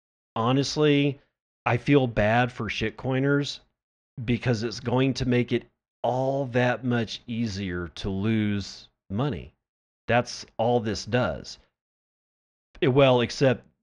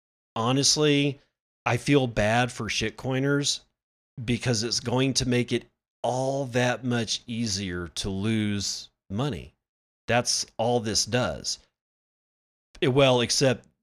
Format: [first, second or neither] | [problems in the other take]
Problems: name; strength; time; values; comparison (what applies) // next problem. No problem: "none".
second | muffled; slightly; fading above 3 kHz